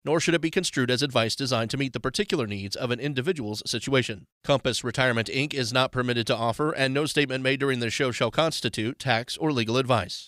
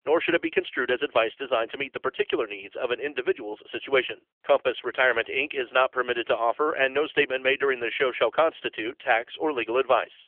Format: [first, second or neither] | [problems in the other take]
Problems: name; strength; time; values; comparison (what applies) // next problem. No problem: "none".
first | phone-call audio; nothing above 3.5 kHz